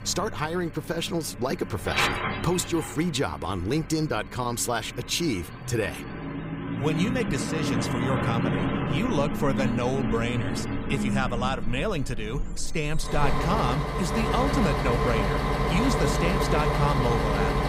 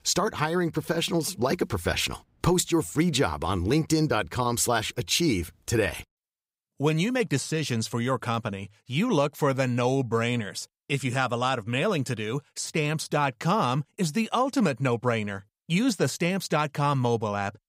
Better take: second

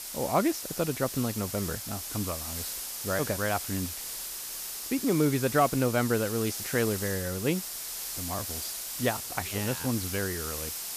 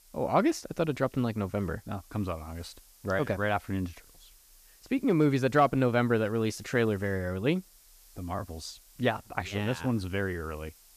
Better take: second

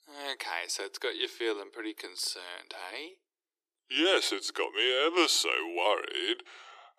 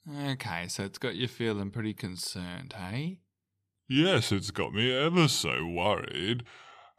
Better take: second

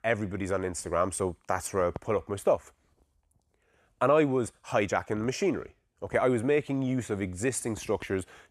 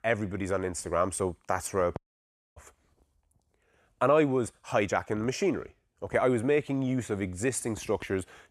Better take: first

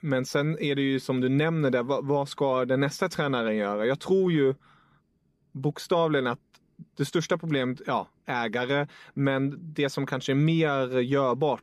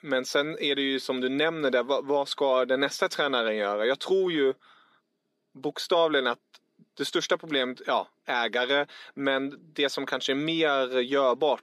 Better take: first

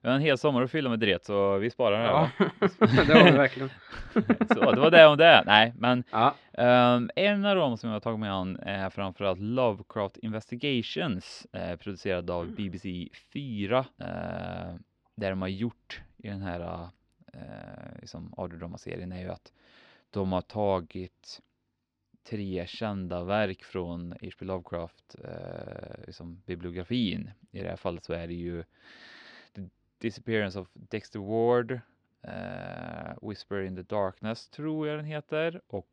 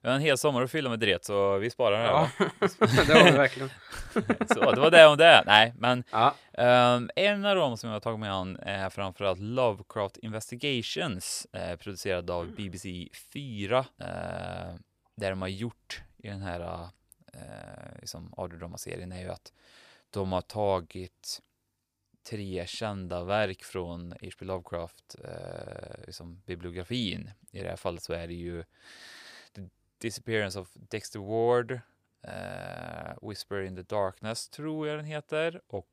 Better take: second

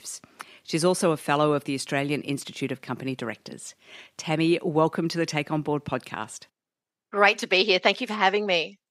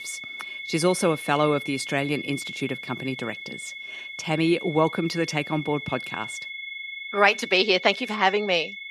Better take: first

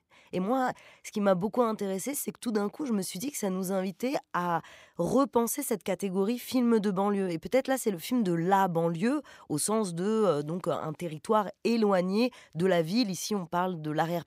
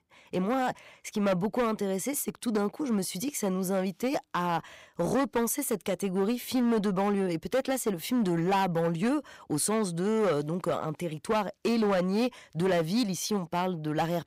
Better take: first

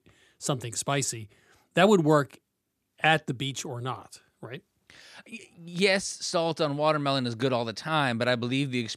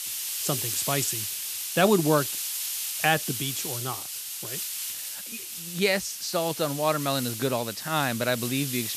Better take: first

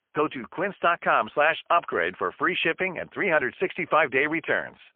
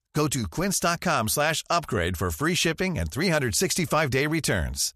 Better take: second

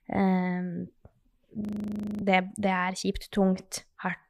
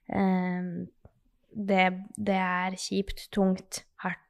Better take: second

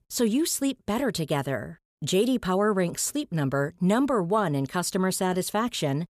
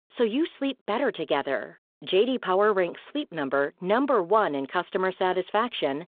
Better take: first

